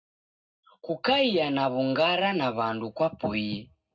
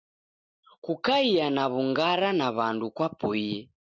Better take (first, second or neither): second